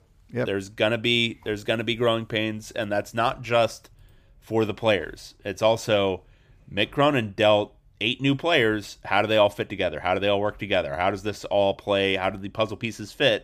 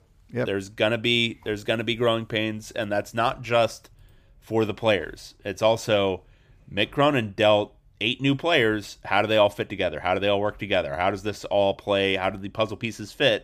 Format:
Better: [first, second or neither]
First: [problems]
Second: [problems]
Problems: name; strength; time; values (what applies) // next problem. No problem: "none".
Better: neither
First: none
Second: none